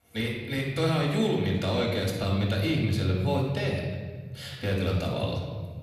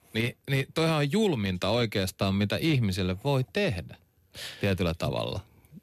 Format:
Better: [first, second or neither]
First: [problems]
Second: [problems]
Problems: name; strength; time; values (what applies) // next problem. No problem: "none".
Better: second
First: off-mic speech; far // room echo; noticeable; dies away in 1.5 s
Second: none